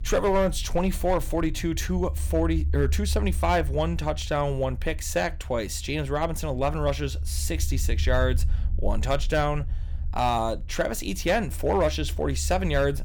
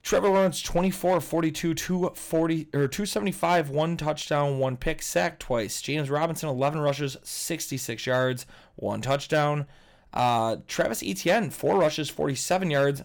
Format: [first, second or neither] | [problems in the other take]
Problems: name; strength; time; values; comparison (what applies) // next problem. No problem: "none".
second | low rumble; faint; throughout; 25 dB below the speech